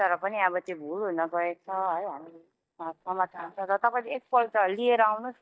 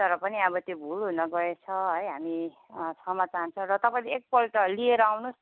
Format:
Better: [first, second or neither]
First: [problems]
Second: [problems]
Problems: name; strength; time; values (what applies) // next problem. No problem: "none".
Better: second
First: noise reduction (neural mask model DeepFilterNet 3)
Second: none